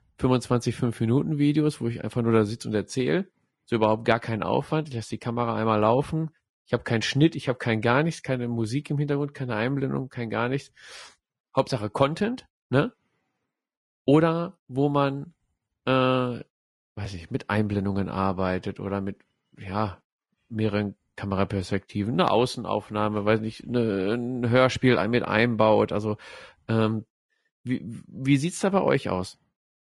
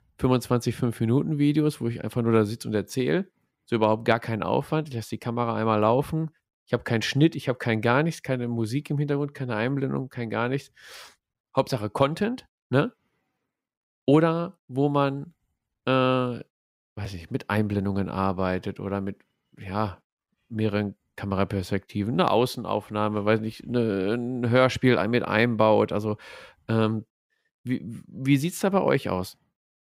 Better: second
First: garbled, watery; slightly; nothing above 10.5 kHz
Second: none

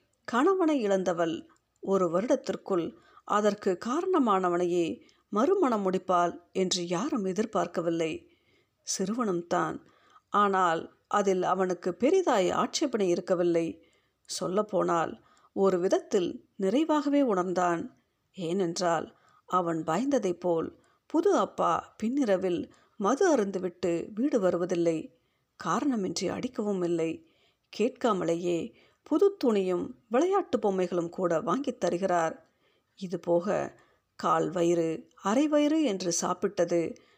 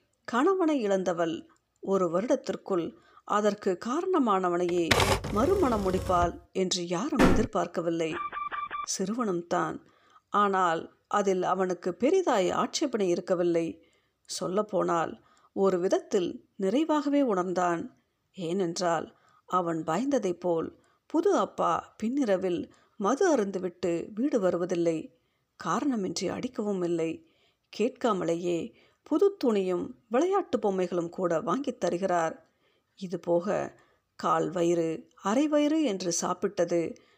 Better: first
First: none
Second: keyboard typing; loud; from 4.5 to 6.5 s; peak 4 dB above the speech // door banging; loud; at 7 s; peak 4 dB above the speech // alarm; noticeable; at 8 s; peak 5 dB below the speech

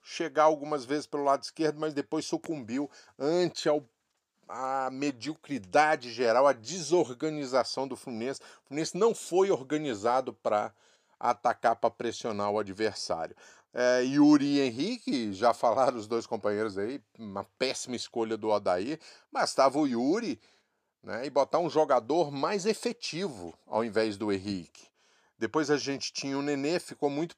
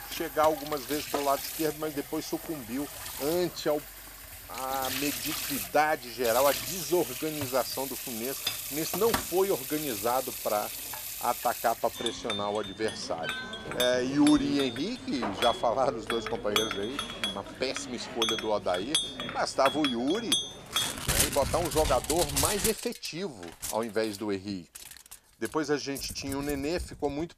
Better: first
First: none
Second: household noises; loud; throughout; 2 dB below the speech

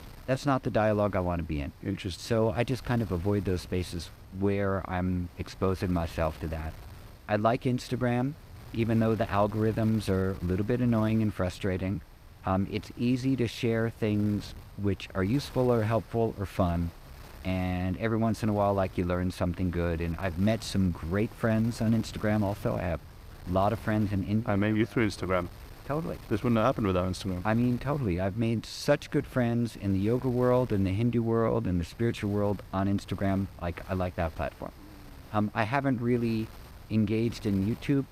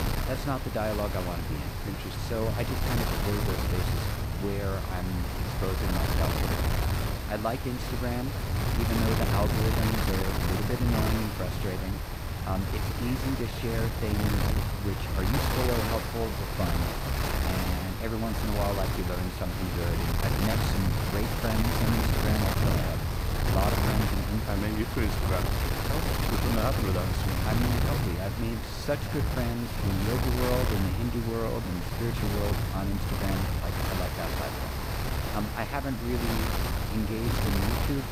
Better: first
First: wind noise on the microphone; occasional gusts; 20 dB below the speech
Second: wind noise on the microphone; heavy; 2 dB above the speech

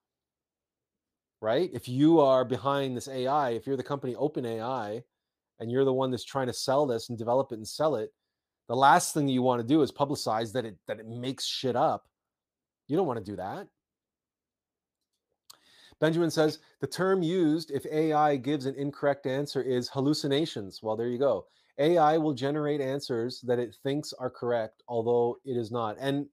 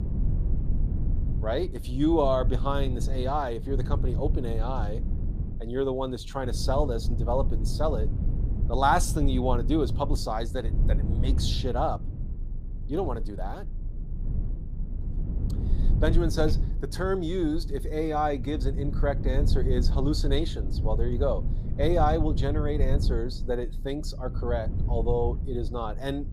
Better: first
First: none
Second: low rumble; noticeable; throughout; 15 dB below the speech

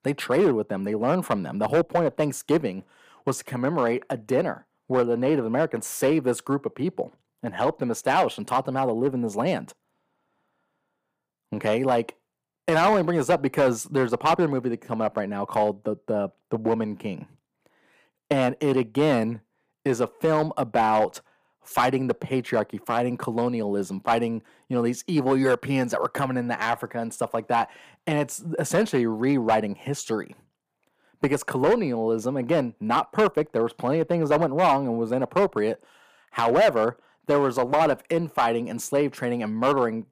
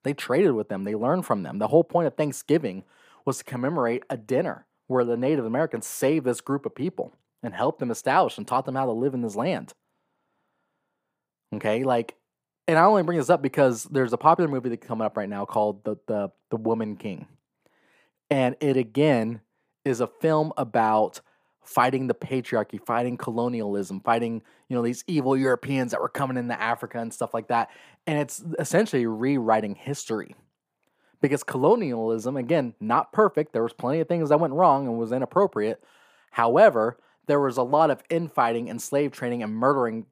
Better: second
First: distortion; slight; 3% of the sound clipped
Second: none

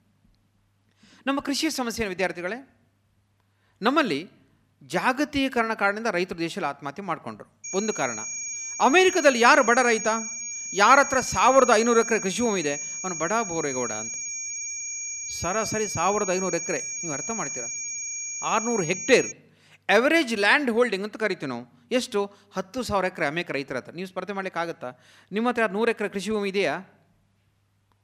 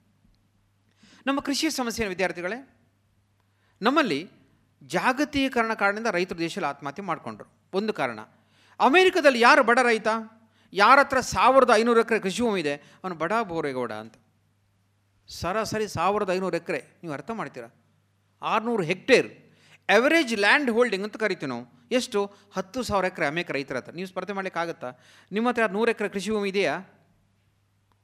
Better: second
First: high-pitched whine; loud; from 7.5 to 19 s; 6.5 kHz, 6 dB below the speech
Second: none

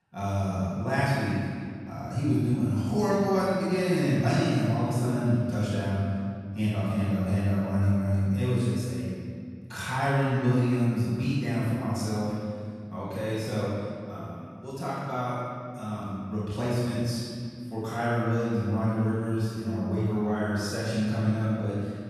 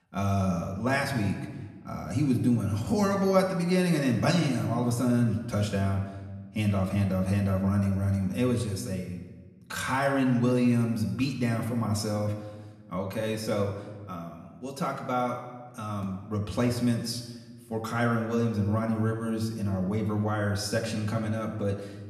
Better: second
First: room echo; strong; dies away in 2.1 s // off-mic speech; far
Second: room echo; slight; dies away in 1.1 s // off-mic speech; far

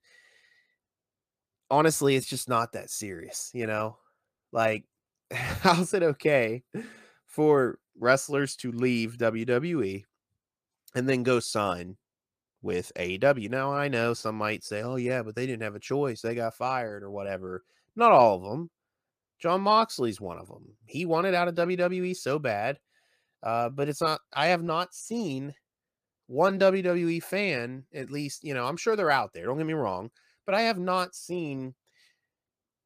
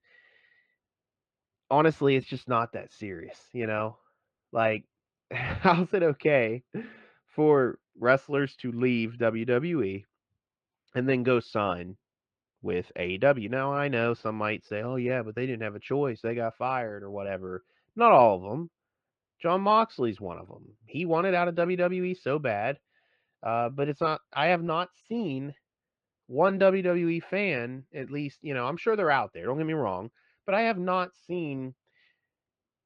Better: first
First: none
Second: muffled; slightly; fading above 3 kHz

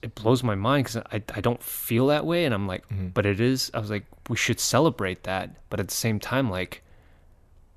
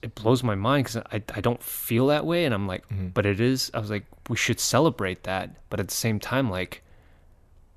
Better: neither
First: none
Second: none

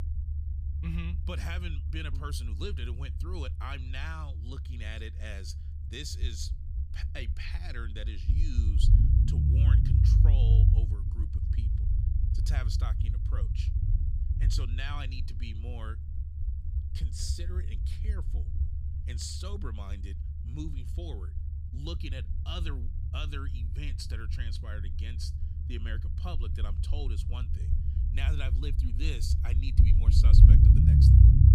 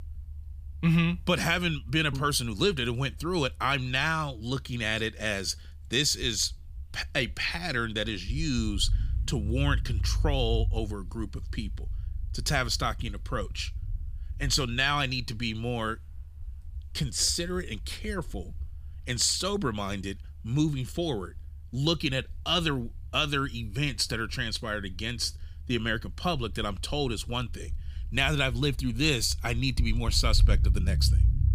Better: second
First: low rumble; loud; throughout; 1 dB below the speech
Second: low rumble; faint; throughout; 25 dB below the speech

